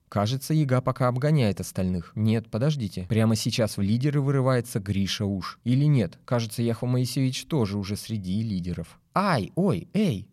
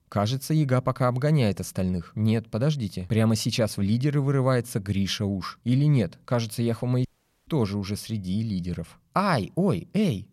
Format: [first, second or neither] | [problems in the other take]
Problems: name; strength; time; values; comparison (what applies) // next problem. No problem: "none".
first | audio cutting out; at 7 s